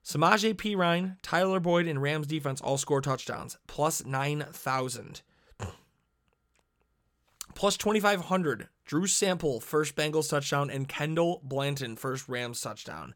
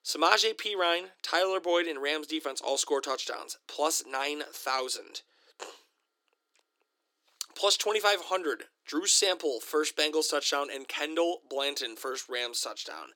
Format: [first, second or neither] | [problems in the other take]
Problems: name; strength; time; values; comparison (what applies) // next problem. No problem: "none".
first | thin; very; fading below 300 Hz